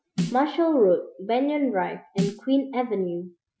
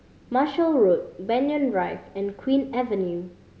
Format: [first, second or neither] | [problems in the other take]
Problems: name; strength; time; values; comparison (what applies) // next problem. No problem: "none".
second | noise reduction (classical method Wiener filter)